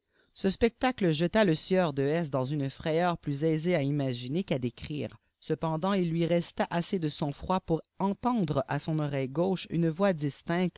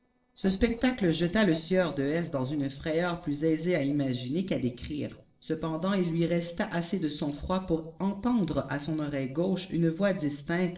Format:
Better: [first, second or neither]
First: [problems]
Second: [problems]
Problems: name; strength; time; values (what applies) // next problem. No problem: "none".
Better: first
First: none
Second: noise reduction (neural separator model SepFormer DNS4)